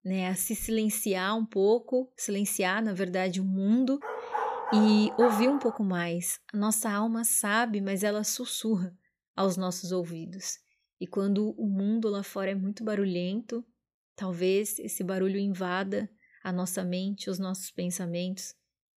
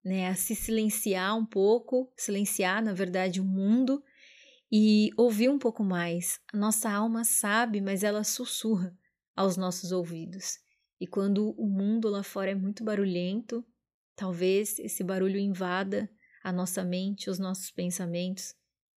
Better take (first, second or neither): second